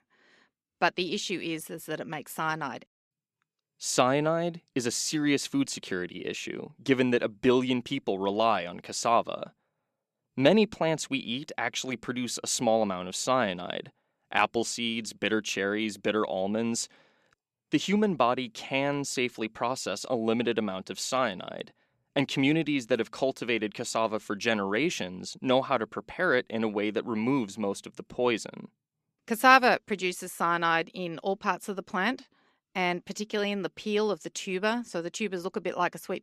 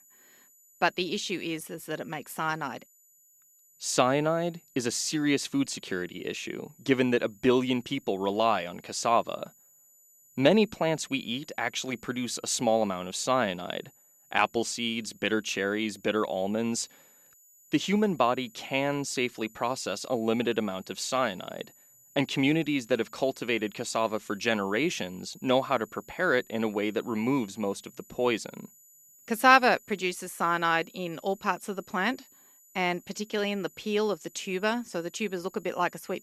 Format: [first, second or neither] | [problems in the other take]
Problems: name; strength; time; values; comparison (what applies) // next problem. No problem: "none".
first | high-pitched whine; faint; throughout; 7 kHz, 25 dB below the speech